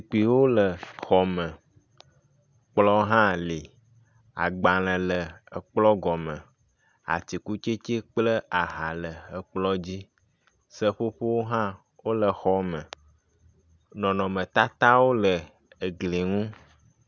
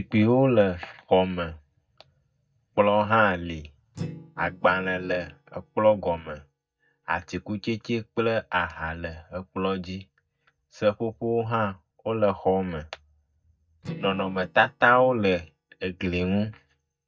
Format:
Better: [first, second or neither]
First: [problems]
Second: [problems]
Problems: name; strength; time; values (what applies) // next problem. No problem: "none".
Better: first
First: none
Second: noise reduction (neural mask model DeepFilterNet 3)